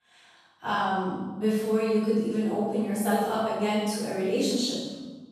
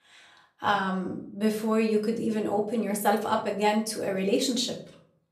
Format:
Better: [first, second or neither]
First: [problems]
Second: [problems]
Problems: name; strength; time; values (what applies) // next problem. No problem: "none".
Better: second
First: room echo; strong; dies away in 1.2 s // off-mic speech; far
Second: room echo; slight; dies away in 0.4 s // off-mic speech; somewhat distant